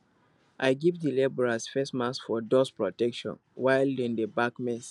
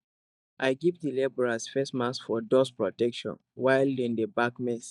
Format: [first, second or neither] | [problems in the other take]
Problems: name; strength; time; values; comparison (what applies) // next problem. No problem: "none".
first | noise reduction (neural mask model DeepFilterNet 3)